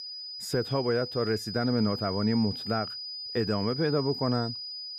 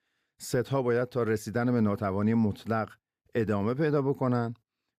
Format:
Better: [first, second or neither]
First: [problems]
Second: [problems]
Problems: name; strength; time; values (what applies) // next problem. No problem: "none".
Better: second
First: high-pitched whine; loud; throughout; 5 kHz, 6 dB below the speech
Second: none